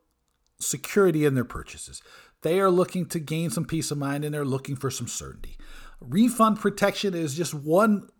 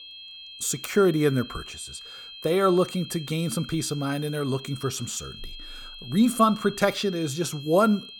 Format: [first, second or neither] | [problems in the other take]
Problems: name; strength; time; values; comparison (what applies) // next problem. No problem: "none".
first | high-pitched whine; noticeable; throughout; 3 kHz, 15 dB below the speech